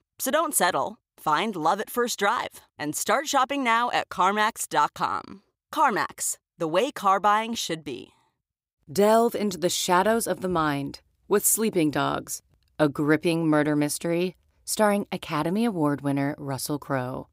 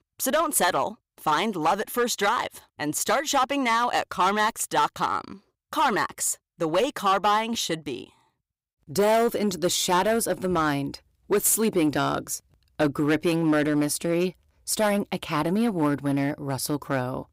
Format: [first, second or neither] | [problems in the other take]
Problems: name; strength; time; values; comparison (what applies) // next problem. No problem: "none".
first | distortion; slight; 6% of the sound clipped